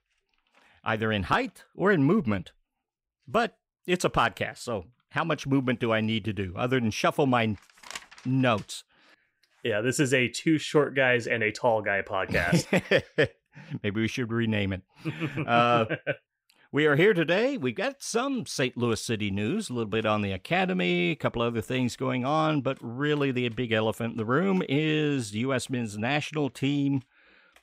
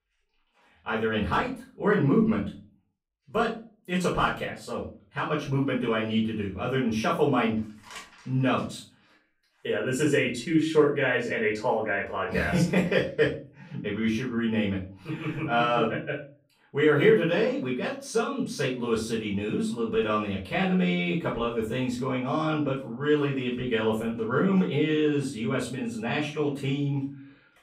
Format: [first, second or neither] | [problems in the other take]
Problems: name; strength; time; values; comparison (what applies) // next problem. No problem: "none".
first | off-mic speech; far // room echo; slight; dies away in 0.3 s